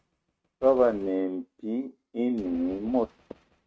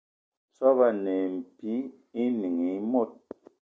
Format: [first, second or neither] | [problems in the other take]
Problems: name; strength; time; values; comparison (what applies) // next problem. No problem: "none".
second | noise reduction (neural mask model RNNoise)